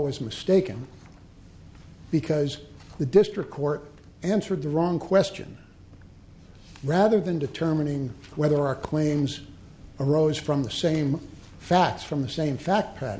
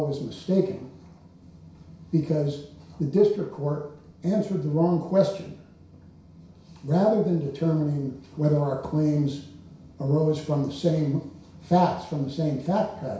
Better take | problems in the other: first | room echo; dies away in 0.6 s

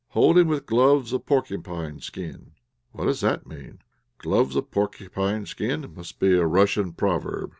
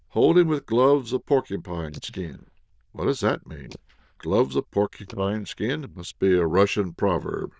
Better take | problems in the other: first | noise reduction (neural diffusion model UNIVERSE++)

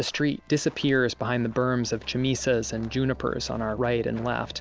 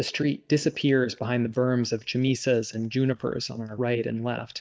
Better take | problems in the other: first | noise reduction (neural mask model DeepFilterNet 3)

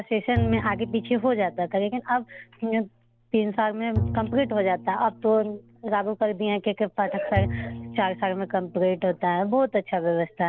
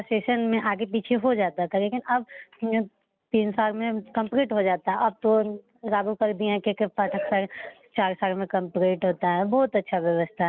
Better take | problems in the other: second | background sound (Bowed string instrument); 9 dB below the speech

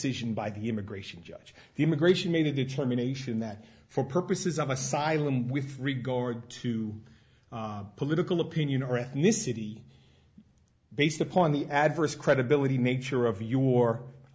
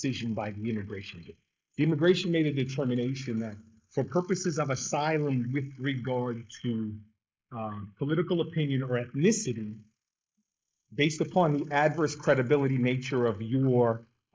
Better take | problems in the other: first | noise reduction (neural mask model Resemble Enhance denoiser)

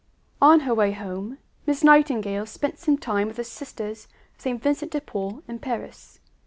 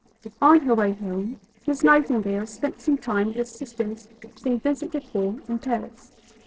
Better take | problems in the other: first | noise reduction (neural separator model SepFormer DNS4)

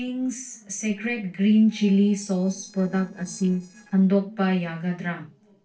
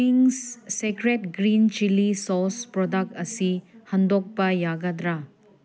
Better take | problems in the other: second | noise reduction (neural separator model SepFormer DNS4)

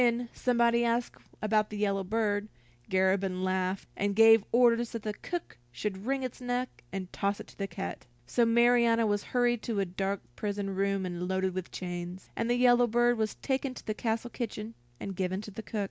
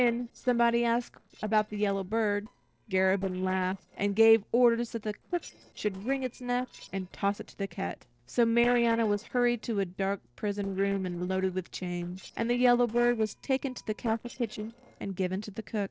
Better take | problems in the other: first | noise reduction (neural separator model SepFormer DNS4)

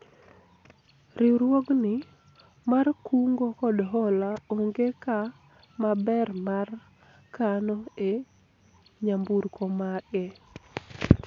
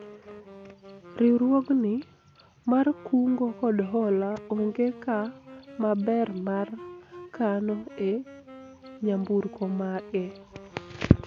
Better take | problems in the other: first | background sound (Wind instrument, woodwind instrument); 19 dB below the speech

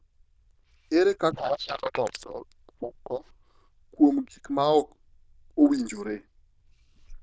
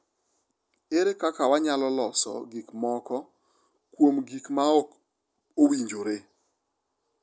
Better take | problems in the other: second | noise reduction (neural diffusion model UNIVERSE++)

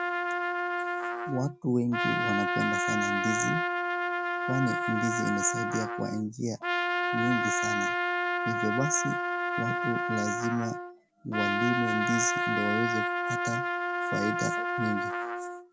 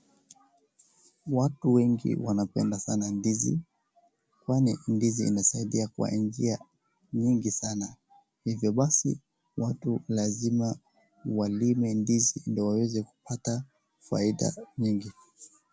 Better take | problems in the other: second | background sound (Trumpet); 3 dB above the speech

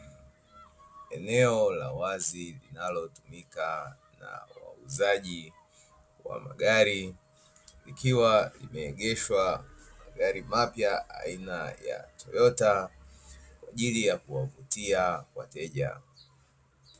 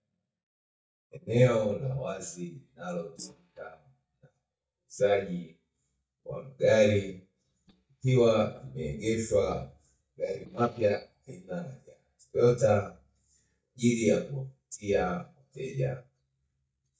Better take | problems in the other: first | noise reduction (neural mask model DeepFilterNet 3)

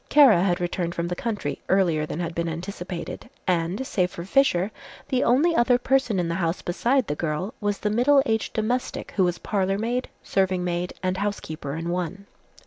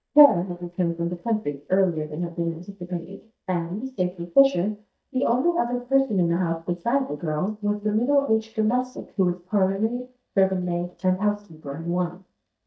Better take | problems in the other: first | noise reduction (neural mask model DeepFilterNet 3)

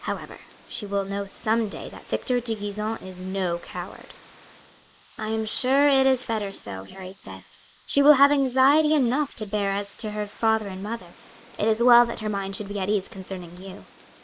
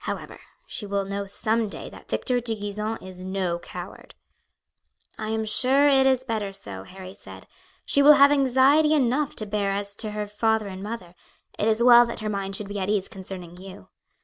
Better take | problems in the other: second | noise reduction (neural mask model Resemble Enhance denoiser)

